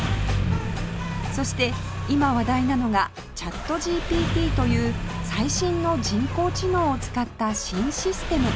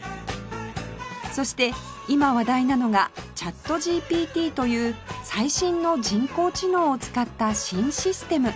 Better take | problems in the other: second | background sound (Engine starting); 2 dB below the speech

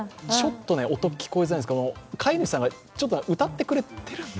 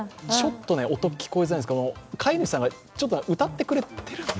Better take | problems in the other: first | background sound (Telephone); 18 dB below the speech

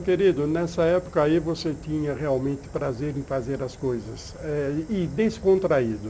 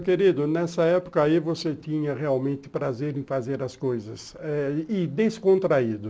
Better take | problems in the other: second | background sound (Fire); 17 dB below the speech

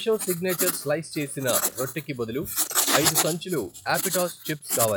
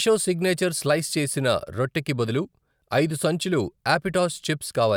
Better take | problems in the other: second | noise reduction (classical method log-MMSE)

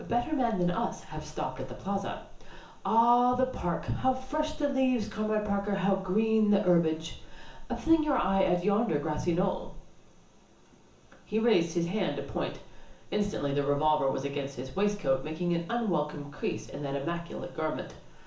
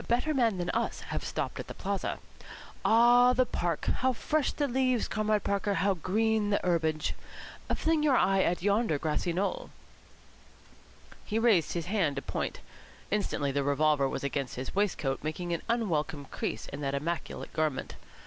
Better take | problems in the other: second | room echo; dies away in 0.7 s

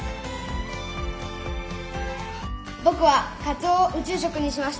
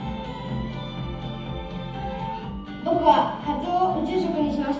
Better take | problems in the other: first | room echo; dies away in 1.3 s

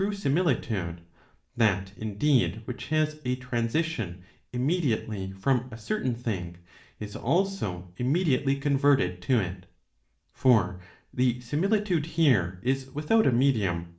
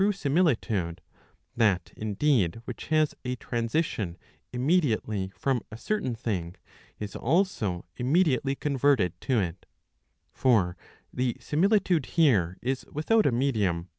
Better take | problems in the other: second | room echo; dies away in 0.4 s

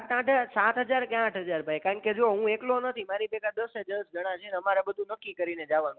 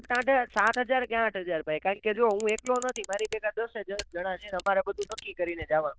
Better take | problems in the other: first | noise reduction (neural diffusion model UNIVERSE++)

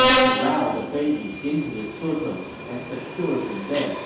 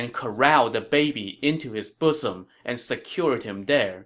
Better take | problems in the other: second | background sound (Subway, metro, underground); 1 dB above the speech // room echo; dies away in 0.8 s

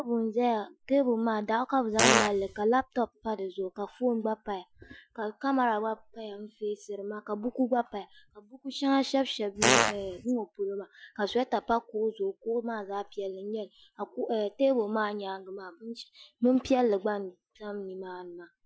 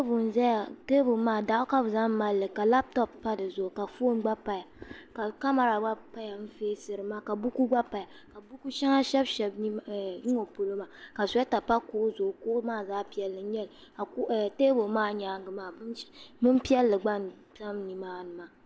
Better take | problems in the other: second | noise reduction (classical method Wiener filter)

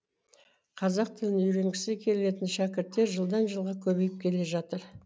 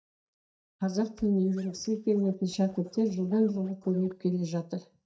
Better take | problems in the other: first | noise reduction (neural mask model DeepFilterNet 3)

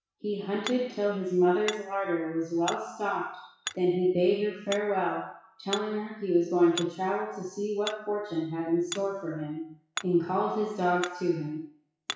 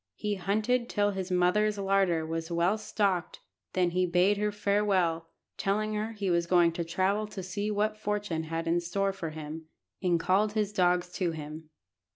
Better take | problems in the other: second | noise reduction (classical method WPE with log-MMSE)

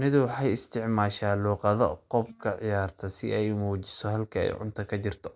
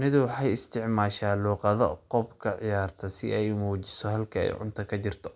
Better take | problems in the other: second | noise reduction (neural mask model DeepFilterNet 3)

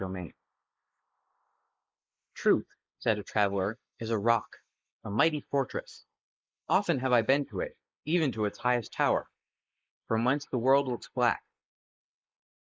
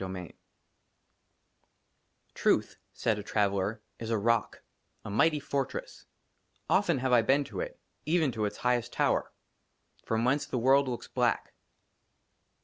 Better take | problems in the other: second | noise reduction (neural mask model Resemble Enhance denoiser)

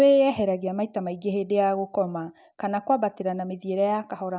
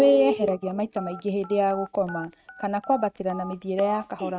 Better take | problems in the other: first | noise reduction (neural mask model RNNoise)

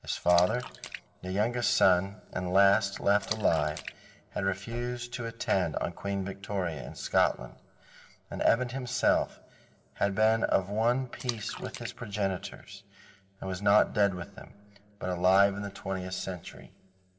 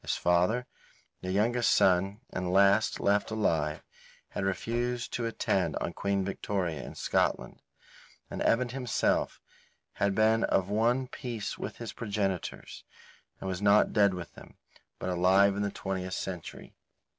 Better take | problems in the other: second | background sound (Splash, splatter); 15 dB below the speech // room echo; dies away in 0.5 s

